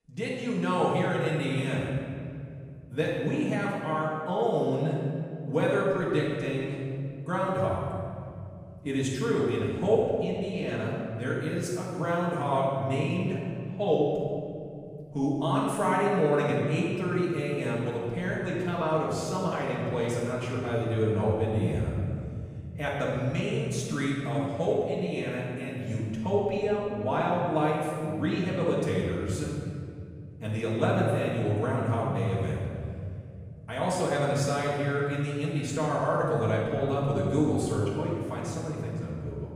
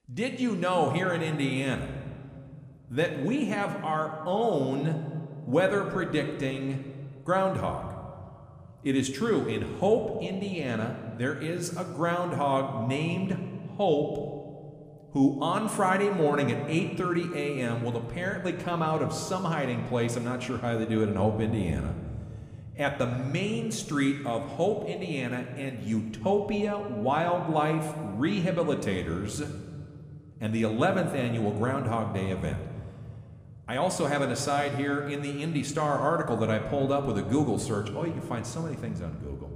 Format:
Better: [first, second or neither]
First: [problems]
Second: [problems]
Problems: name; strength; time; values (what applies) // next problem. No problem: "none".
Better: second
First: room echo; strong; dies away in 2.4 s // off-mic speech; far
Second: room echo; slight; dies away in 1.6 s